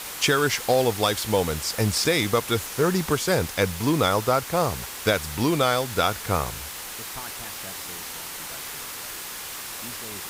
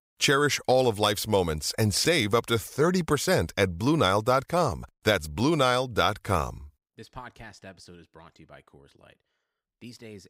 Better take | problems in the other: second | hiss; loud; throughout; 9 dB below the speech

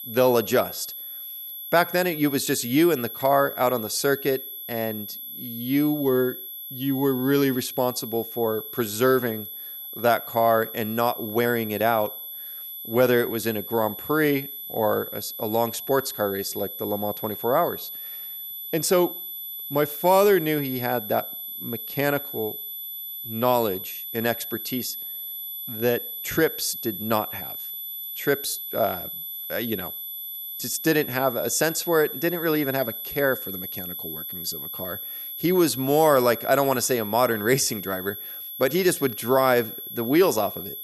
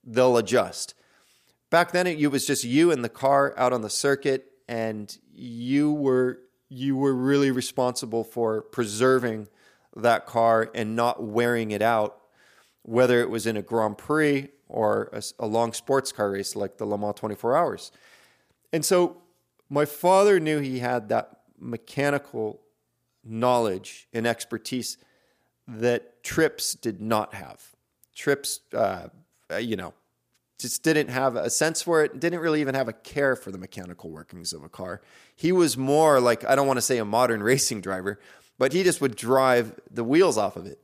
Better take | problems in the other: second | high-pitched whine; loud; throughout; 12 kHz, 8 dB below the speech

